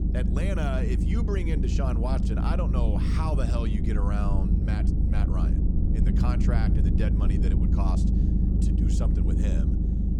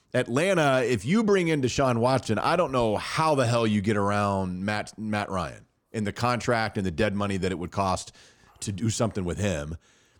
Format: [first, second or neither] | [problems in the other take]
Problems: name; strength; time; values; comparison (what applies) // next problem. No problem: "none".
second | low rumble; loud; throughout; 1 dB below the speech